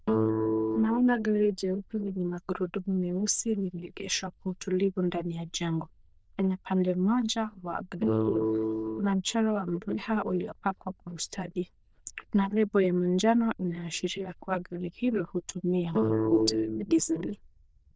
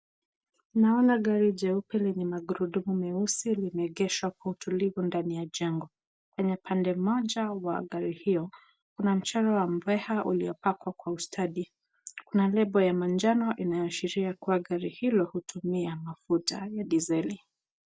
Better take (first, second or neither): second